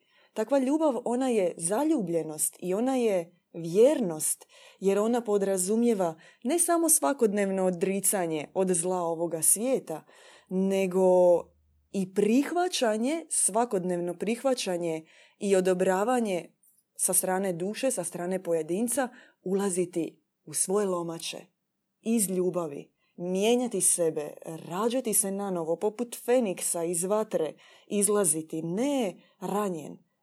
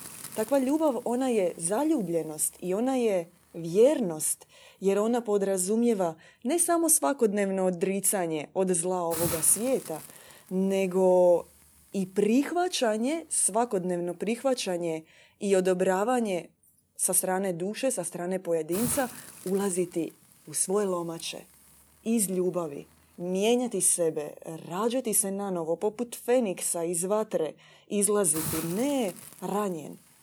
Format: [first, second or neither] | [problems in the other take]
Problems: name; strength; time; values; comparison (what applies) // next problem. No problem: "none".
first | hiss; noticeable; throughout; 10 dB below the speech